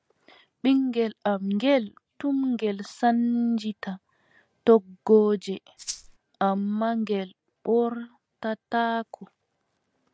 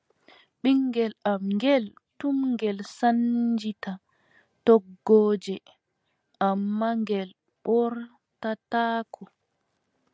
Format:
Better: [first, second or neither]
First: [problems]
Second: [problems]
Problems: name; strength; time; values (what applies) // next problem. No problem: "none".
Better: second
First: background sound (Rattle (instrument)); 12 dB below the speech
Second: none